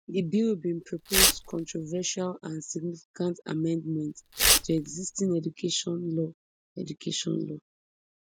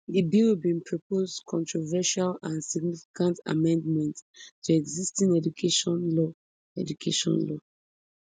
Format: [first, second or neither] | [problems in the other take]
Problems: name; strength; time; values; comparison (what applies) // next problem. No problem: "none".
second | background sound (Tearing); 3 dB above the speech